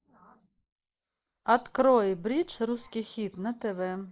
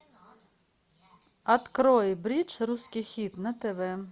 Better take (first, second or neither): second